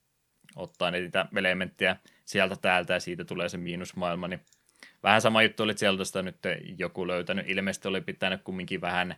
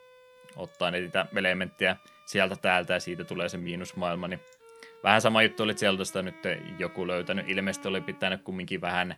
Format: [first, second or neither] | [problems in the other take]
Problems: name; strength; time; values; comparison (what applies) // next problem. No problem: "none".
first | background music; faint; throughout; 20 dB below the speech